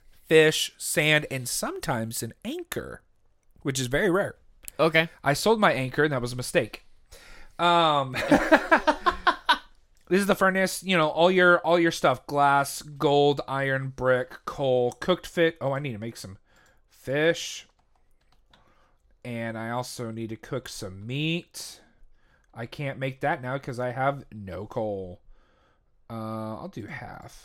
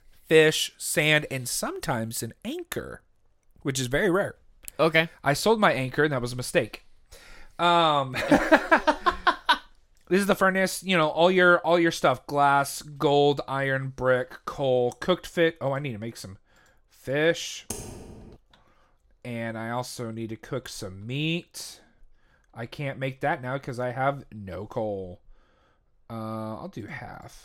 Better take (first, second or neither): first